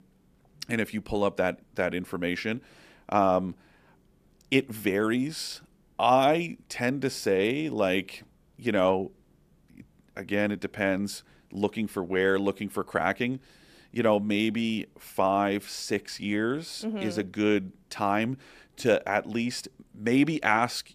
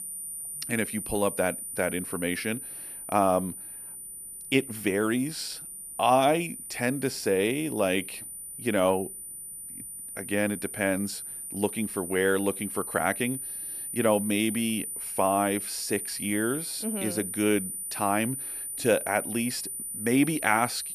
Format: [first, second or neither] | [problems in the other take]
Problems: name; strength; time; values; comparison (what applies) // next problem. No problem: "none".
first | high-pitched whine; loud; throughout; 9.5 kHz, 7 dB below the speech